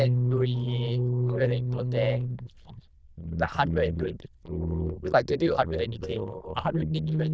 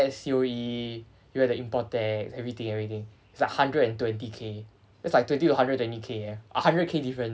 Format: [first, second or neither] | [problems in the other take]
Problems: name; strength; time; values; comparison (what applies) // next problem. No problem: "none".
second | noise reduction (neural diffusion model UNIVERSE++)